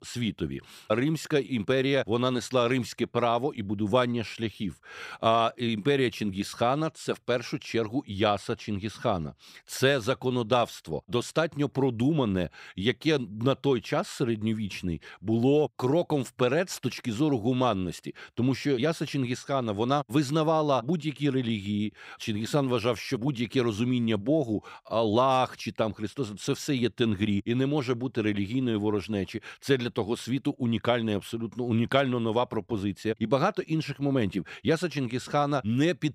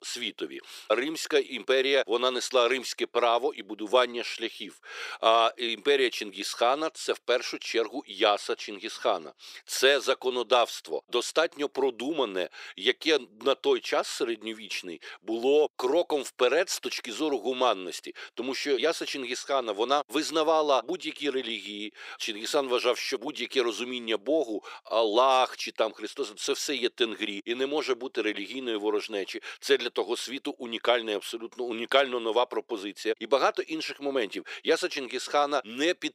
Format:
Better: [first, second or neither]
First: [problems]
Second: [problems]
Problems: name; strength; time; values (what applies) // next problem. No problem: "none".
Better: first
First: none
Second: thin; somewhat; fading below 400 Hz